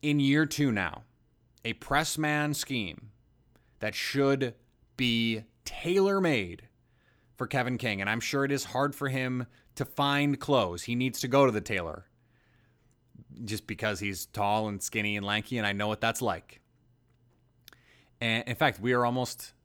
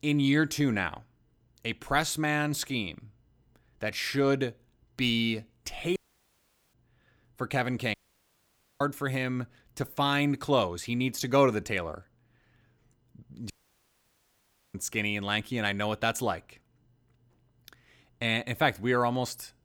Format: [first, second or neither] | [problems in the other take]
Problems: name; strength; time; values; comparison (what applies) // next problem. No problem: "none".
first | audio cutting out; at 6 s for 1 s, at 8 s for 1 s and at 14 s for 1 s